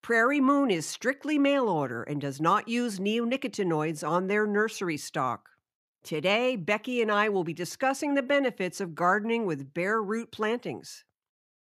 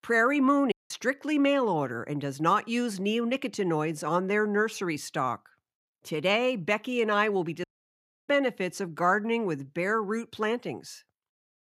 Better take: first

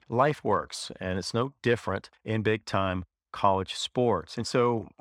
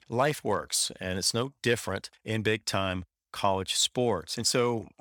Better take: second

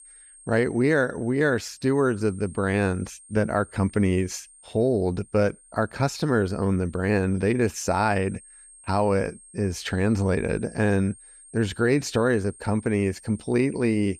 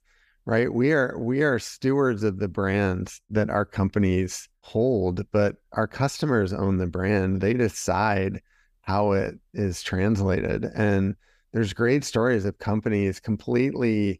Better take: second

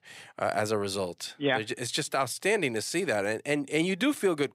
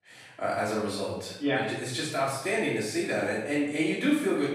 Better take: first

